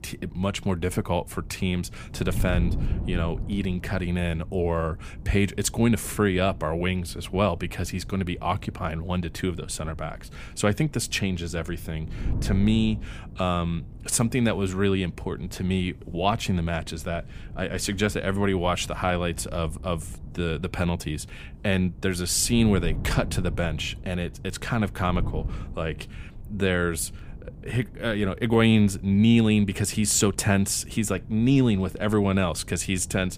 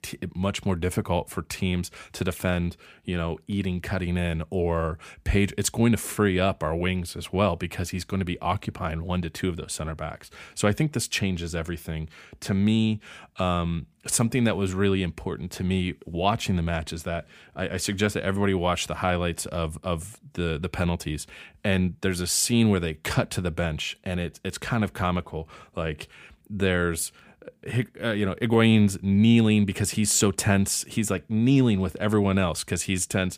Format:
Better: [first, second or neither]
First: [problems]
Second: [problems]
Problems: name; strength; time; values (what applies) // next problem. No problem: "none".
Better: second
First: wind noise on the microphone; occasional gusts; 20 dB below the speech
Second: none